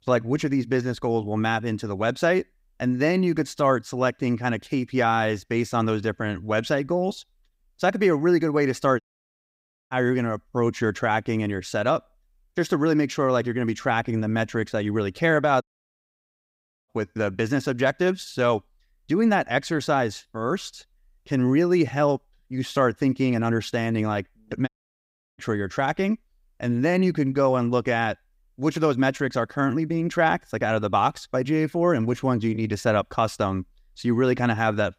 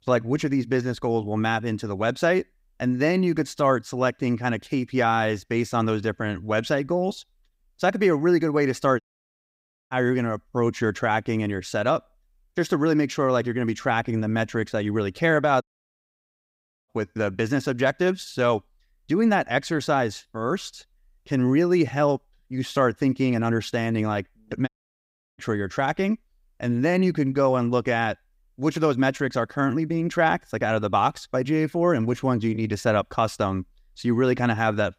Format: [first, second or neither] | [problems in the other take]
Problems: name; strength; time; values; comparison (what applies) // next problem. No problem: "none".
neither | audio cutting out; at 9 s for 1 s, at 16 s for 1.5 s and at 25 s for 0.5 s; the same in both